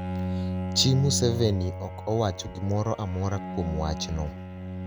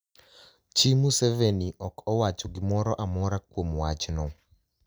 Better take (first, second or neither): second